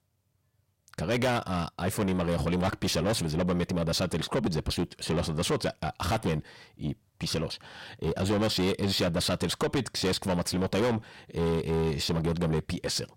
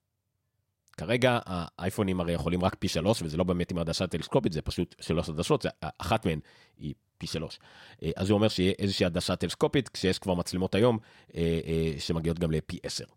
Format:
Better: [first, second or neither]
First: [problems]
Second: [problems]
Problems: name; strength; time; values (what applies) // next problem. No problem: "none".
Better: second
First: distortion; heavy; 6 dB below the speech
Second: none